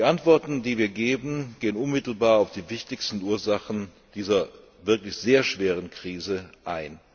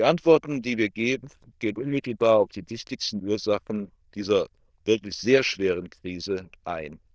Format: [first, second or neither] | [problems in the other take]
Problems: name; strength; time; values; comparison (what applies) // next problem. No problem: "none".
first | noise reduction (neural diffusion model UNIVERSE++)